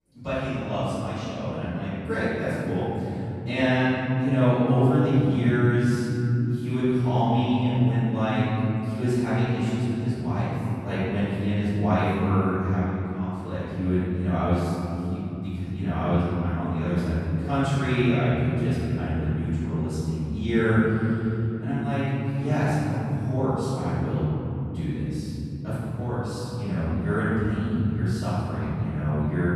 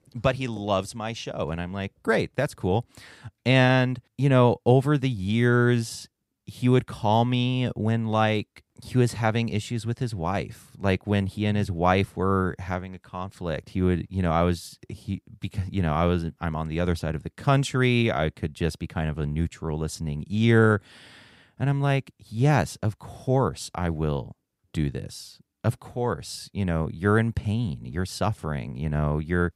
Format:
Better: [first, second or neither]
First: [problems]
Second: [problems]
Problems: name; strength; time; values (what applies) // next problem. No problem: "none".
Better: second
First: off-mic speech; far // room echo; strong; dies away in 3 s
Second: none